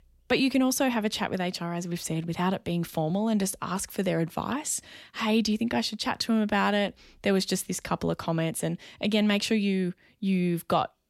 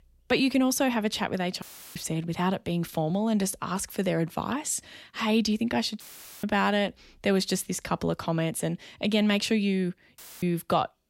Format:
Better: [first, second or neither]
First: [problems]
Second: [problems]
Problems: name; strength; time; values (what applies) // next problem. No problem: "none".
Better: first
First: none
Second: audio cutting out; filled with static; at 1.5 s, at 6 s and at 10 s